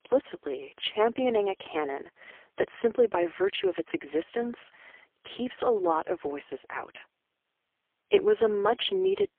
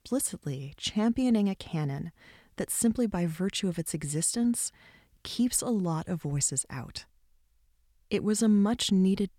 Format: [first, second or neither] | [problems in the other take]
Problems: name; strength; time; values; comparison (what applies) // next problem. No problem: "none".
second | phone-call audio; poor line; nothing above 3.5 kHz